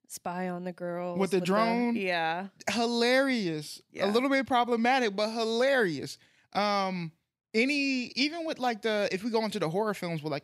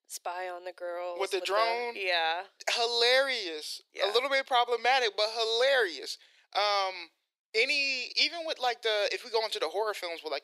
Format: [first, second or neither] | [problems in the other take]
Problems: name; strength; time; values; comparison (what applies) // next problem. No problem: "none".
first | thin; very; fading below 400 Hz